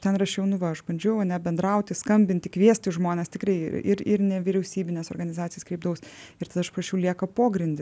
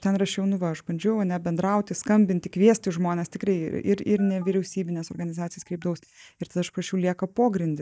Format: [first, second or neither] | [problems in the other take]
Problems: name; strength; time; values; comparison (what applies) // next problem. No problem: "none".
first | noise reduction (neural mask model DeepFilterNet 3)